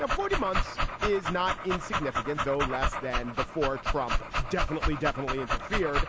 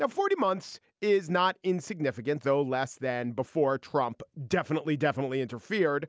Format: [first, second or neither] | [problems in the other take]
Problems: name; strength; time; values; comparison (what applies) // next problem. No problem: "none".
second | background sound (Dog); 1 dB above the speech